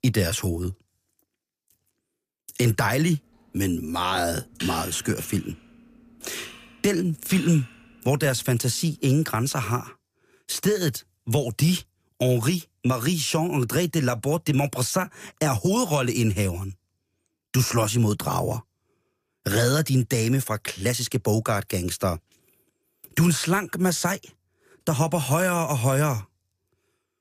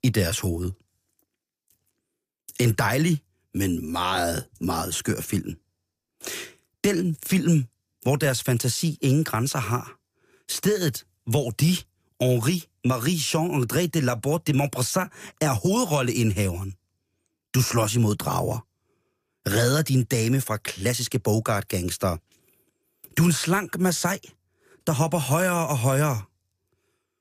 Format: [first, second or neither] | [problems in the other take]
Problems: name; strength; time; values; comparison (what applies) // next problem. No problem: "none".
second | keyboard typing; noticeable; from 4.5 to 7.5 s; peak 8 dB below the speech